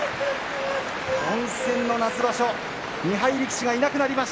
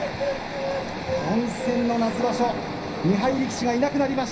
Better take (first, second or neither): first